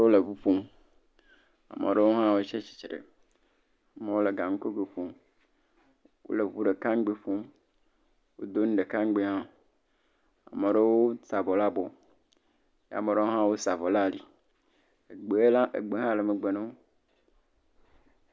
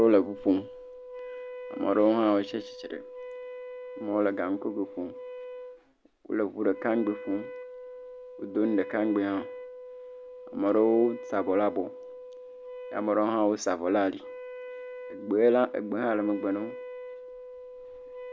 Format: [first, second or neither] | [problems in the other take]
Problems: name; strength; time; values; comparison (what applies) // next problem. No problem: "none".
first | background sound (Wind instrument, woodwind instrument); 13 dB below the speech